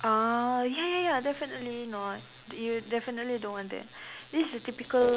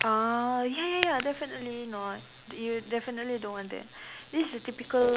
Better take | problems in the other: first | background sound (Tick); 12 dB below the speech

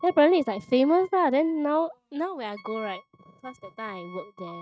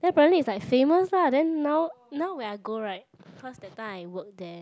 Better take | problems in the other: second | noise reduction (neural mask model RNNoise)

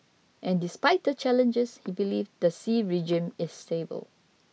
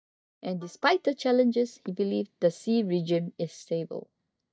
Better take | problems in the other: first | noise reduction (neural mask model DeepFilterNet 3)

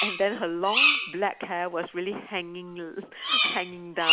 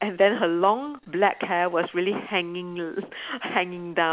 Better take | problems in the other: second | background sound (Bird vocalization, bird call, bird song); 2 dB above the speech

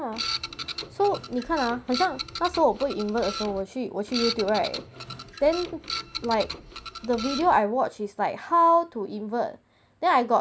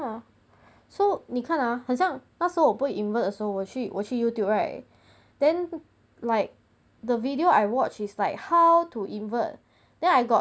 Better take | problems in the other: second | background sound (Printer); 9 dB below the speech

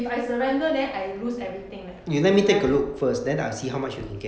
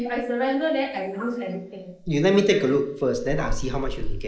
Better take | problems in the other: first | noise reduction (neural mask model Resemble Enhance denoiser)

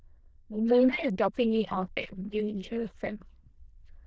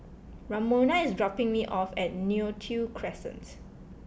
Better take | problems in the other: second | noise reduction (neural diffusion model UNIVERSE++)

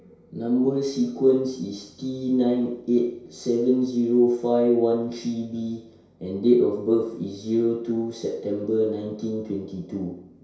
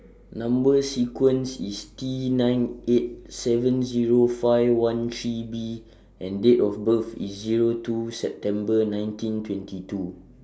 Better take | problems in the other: second | room echo; dies away in 0.6 s

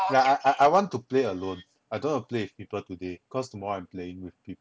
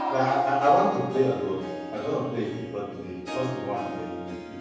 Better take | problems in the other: first | background sound (Harp); 9 dB below the speech // room echo; dies away in 1.1 s

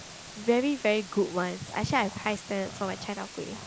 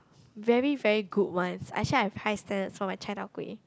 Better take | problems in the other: second | background sound (Growling + Water); 14 dB below the speech

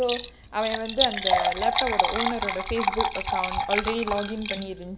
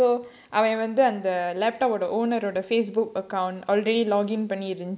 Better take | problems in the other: second | background sound (Liquid); 2 dB above the speech

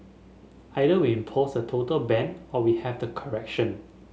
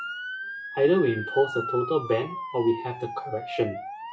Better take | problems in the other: first | noise reduction (classical method WPE with log-MMSE)

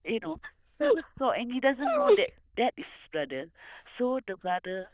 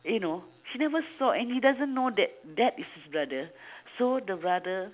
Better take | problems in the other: second | noise reduction (neural diffusion model UNIVERSE++)

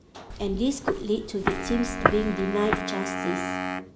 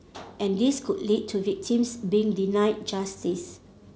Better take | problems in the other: second | background sound (Wind instrument, woodwind instrument + Walk, footsteps); 1 dB below the speech

